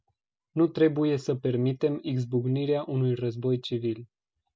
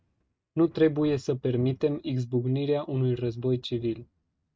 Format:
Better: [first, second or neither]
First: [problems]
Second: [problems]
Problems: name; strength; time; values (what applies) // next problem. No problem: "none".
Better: first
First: none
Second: noise reduction (neural mask model RNNoise)